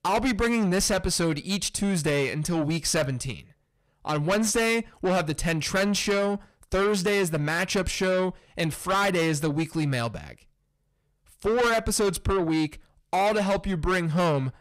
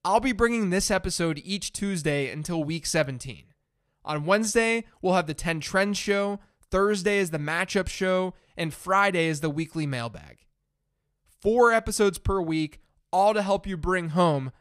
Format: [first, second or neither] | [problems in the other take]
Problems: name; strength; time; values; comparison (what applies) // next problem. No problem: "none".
second | distortion; heavy; 7 dB below the speech